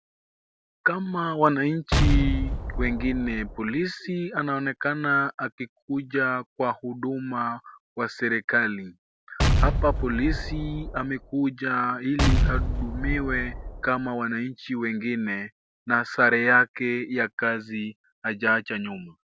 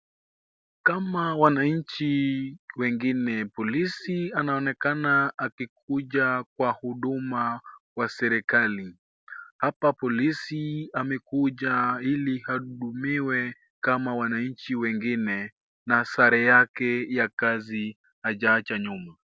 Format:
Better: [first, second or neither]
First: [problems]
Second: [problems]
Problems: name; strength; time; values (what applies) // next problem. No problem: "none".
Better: second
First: background sound (Explosion); 2 dB above the speech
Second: none